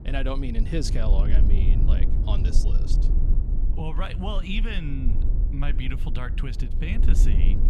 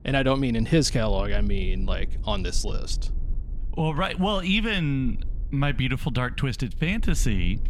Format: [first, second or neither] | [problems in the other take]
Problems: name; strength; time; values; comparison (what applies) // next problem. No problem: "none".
second | low rumble; loud; throughout; 7 dB below the speech; faint in the second